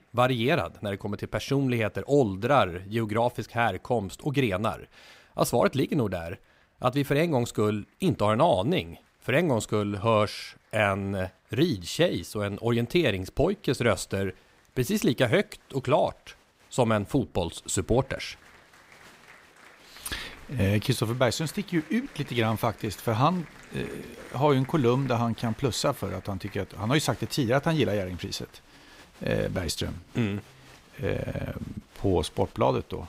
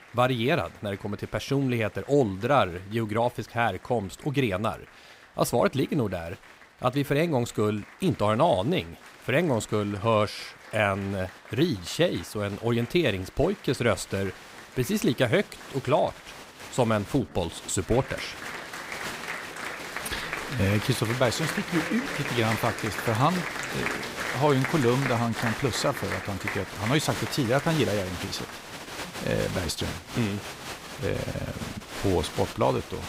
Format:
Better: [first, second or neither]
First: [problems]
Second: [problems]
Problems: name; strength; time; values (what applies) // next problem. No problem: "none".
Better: first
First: crowd noise; faint; throughout; 25 dB below the speech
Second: crowd noise; loud; throughout; 8 dB below the speech